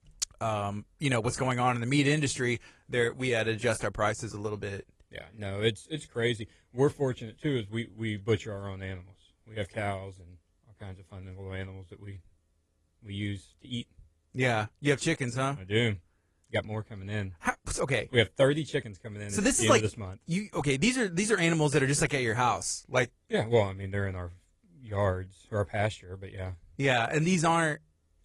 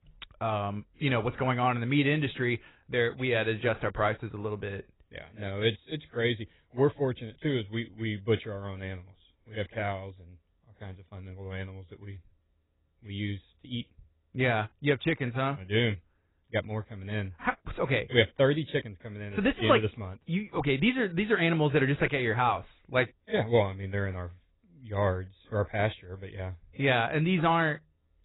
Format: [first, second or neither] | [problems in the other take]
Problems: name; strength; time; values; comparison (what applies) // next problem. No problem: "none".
first | garbled, watery; badly; nothing above 4 kHz; slightly in the first